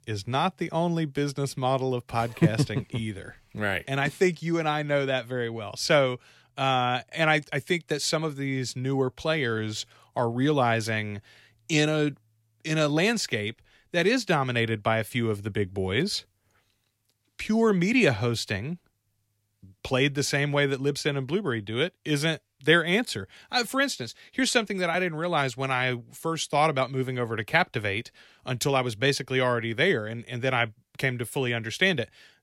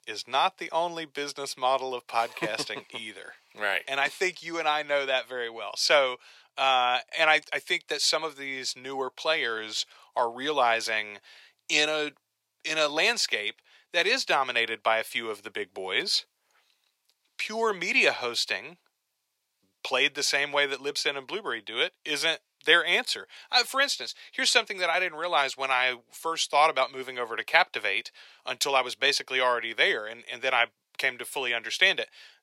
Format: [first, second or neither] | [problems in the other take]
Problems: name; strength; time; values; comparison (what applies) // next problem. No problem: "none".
first | thin; very; fading below 600 Hz